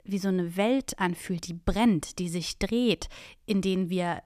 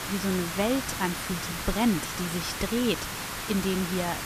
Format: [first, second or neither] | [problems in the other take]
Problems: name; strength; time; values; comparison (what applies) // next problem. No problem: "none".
first | hiss; loud; throughout; 3 dB below the speech